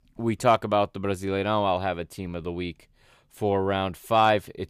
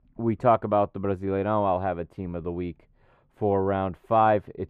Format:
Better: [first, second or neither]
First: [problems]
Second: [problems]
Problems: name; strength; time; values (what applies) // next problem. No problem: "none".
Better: first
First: none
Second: muffled; very; fading above 3 kHz